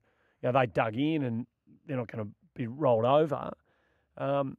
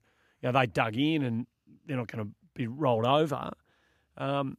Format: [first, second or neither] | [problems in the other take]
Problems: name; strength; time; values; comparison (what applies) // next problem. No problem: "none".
second | muffled; slightly; fading above 3 kHz